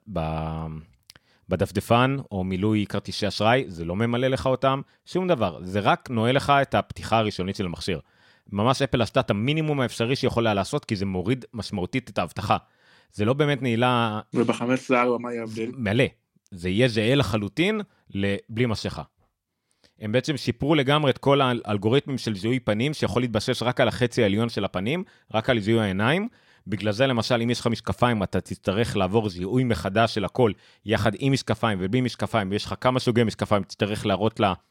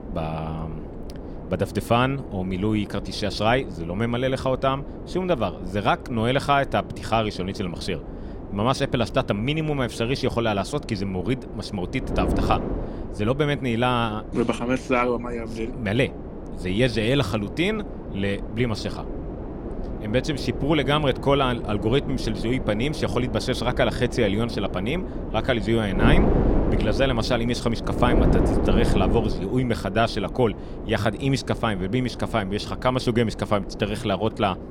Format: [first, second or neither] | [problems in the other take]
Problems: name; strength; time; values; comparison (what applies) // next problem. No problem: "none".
first | wind noise on the microphone; heavy; 10 dB below the speech